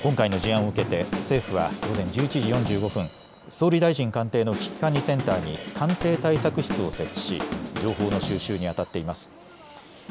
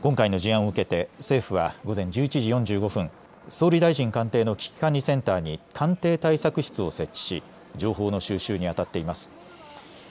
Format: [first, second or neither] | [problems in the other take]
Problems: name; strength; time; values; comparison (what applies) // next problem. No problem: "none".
second | background sound (Drum / Drum kit); 8 dB below the speech